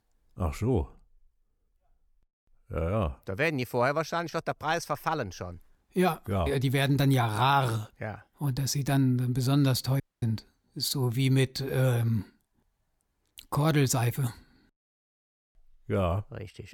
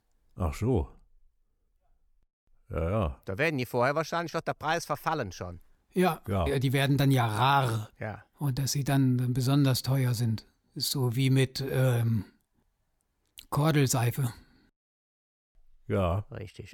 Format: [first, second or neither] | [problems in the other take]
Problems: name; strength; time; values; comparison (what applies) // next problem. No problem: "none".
second | audio cutting out; at 10 s